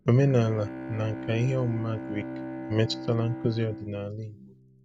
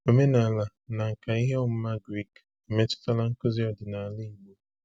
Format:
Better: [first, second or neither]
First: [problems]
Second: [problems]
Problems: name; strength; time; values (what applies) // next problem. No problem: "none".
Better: second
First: background sound (Bowed string instrument); 10 dB below the speech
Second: none